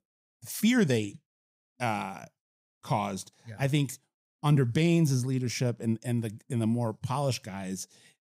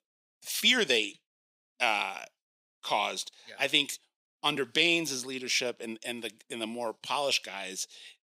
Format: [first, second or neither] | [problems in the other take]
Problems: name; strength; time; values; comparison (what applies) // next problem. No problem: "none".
first | thin; very; fading below 350 Hz